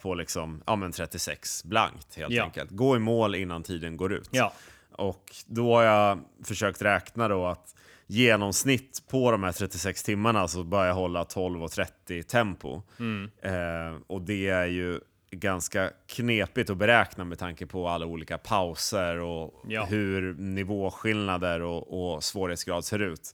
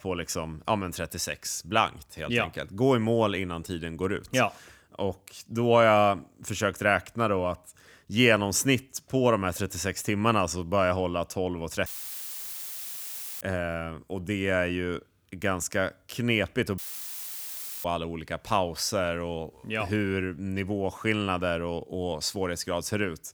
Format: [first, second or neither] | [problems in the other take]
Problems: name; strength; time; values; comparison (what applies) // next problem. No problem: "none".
first | audio cutting out; filled with static; at 12 s for 1.5 s and at 17 s for 1 s